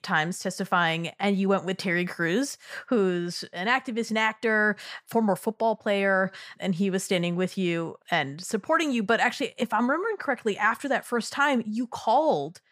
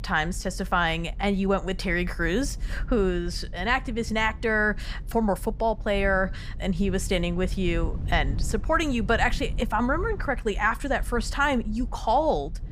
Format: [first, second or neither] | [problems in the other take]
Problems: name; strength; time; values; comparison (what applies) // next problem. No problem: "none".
first | low rumble; faint; throughout; 25 dB below the speech